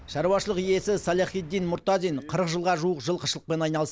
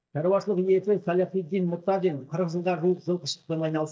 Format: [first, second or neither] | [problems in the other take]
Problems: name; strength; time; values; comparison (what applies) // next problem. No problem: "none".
first | noise reduction (neural mask model DeepFilterNet 3)